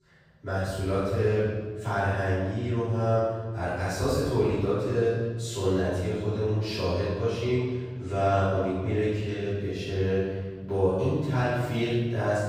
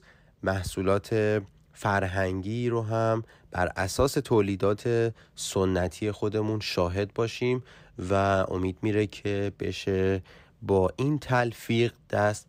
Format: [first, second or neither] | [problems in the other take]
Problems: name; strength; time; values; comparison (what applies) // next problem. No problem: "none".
second | room echo; strong; dies away in 1.6 s // off-mic speech; far